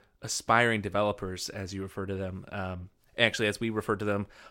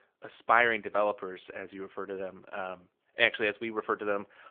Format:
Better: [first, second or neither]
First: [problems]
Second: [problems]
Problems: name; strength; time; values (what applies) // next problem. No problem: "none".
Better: first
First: none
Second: phone-call audio; nothing above 3.5 kHz